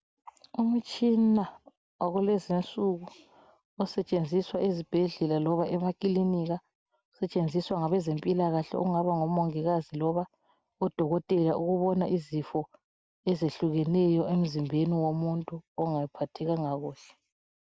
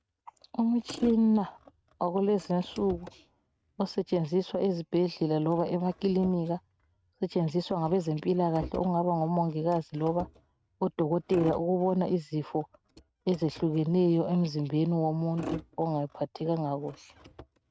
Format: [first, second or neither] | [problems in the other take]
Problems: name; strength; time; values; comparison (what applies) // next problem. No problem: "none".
first | noise reduction (neural mask model RNNoise)